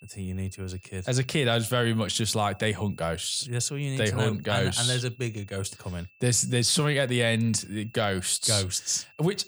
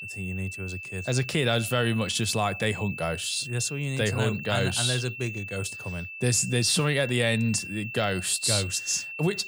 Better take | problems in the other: first | high-pitched whine; loud; throughout; 2.5 kHz, 10 dB below the speech; faint in the first

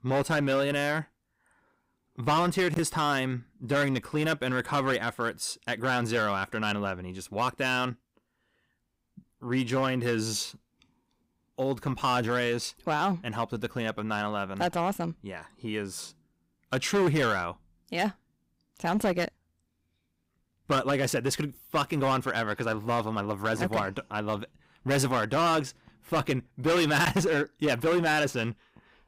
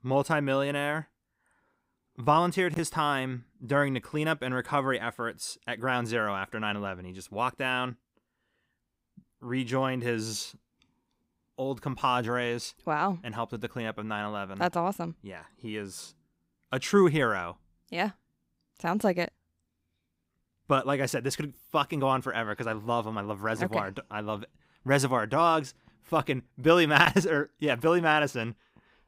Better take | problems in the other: second | distortion; heavy; 7% of the sound clipped

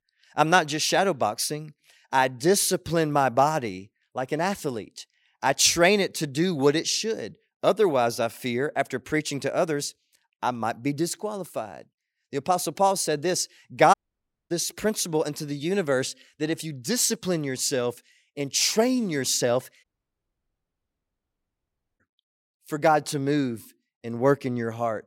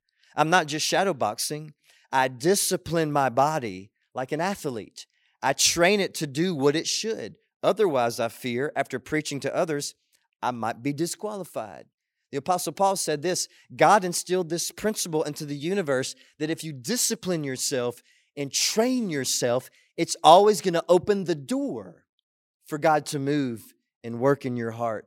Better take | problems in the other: second | audio cutting out; at 14 s for 0.5 s and at 20 s for 2 s

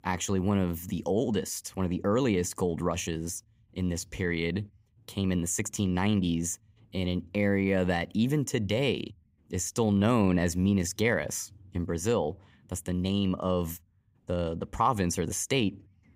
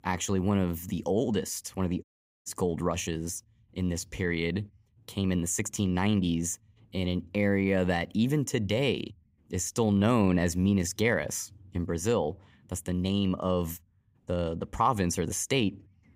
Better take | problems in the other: first | audio cutting out; at 2 s

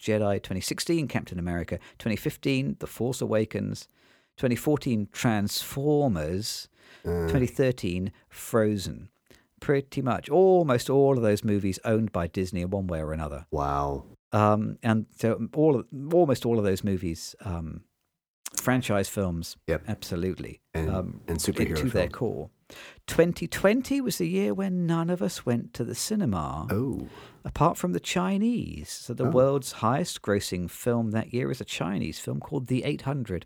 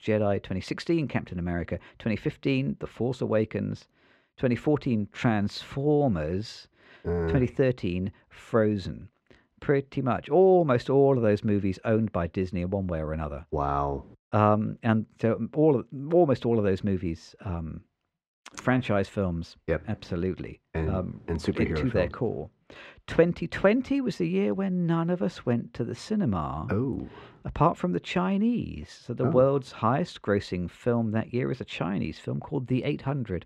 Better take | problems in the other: first | muffled; slightly; fading above 3 kHz

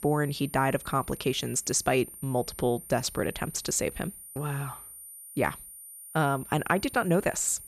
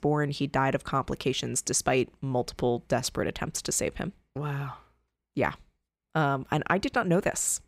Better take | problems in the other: second | high-pitched whine; noticeable; throughout; 9 kHz, 15 dB below the speech

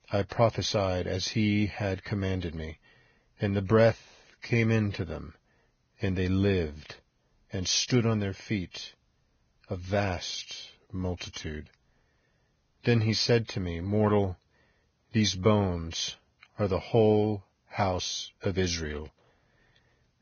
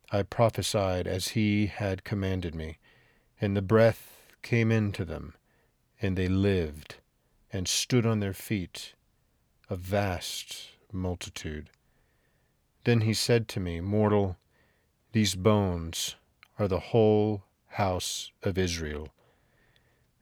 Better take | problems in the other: second | garbled, watery; badly; nothing above 6.5 kHz

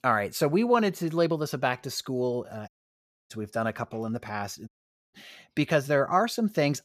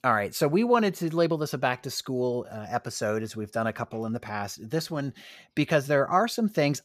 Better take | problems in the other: second | audio cutting out; at 2.5 s for 0.5 s and at 4.5 s

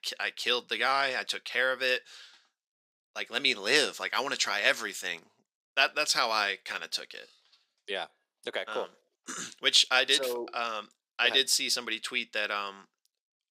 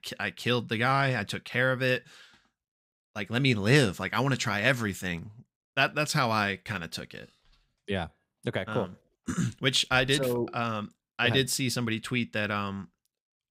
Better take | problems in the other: second | thin; very; fading below 400 Hz

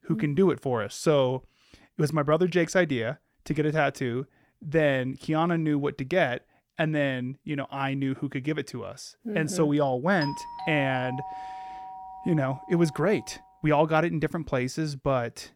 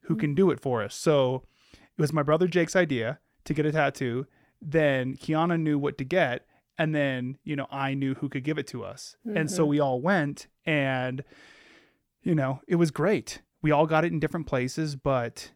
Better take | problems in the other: second | doorbell; noticeable; from 10 to 13 s; peak 9 dB below the speech

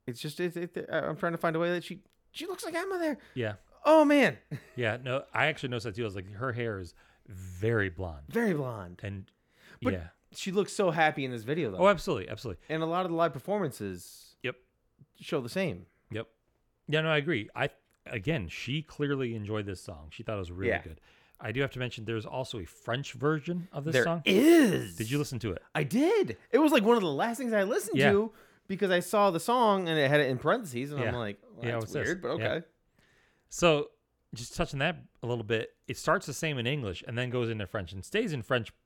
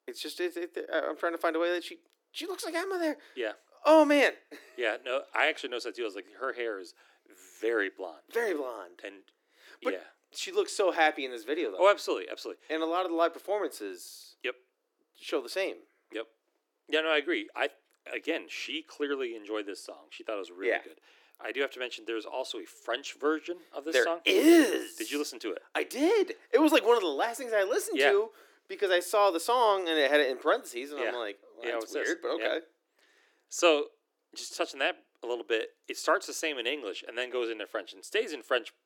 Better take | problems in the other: first | thin; somewhat; fading below 300 Hz

